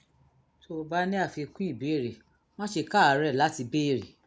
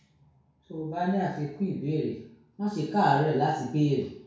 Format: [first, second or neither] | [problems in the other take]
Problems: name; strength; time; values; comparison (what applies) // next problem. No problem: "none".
first | room echo; dies away in 0.6 s